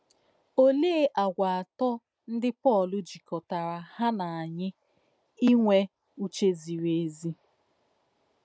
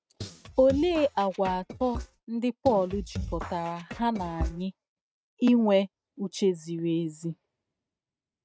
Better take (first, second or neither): first